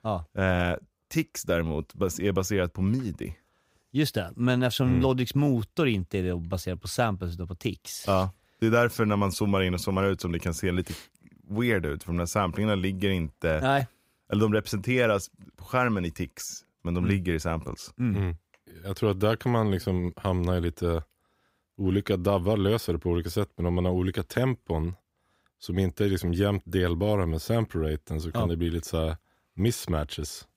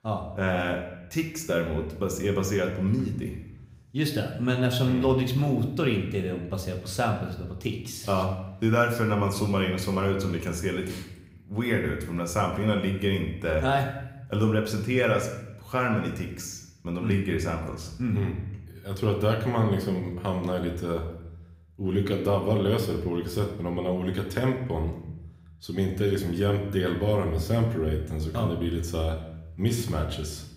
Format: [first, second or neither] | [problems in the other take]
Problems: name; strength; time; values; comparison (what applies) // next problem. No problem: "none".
first | room echo; slight; dies away in 0.8 s // off-mic speech; somewhat distant